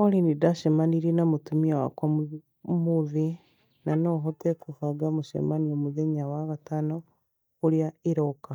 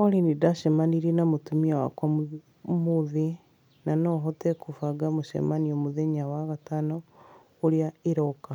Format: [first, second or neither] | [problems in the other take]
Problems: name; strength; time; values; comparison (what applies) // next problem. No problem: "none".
second | noise reduction (neural mask model DeepFilterNet 3)